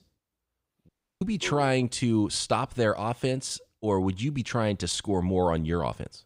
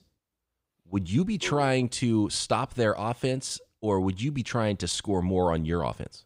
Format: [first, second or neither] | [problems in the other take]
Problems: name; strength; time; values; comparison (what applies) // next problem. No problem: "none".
second | audio cutting out; at 1 s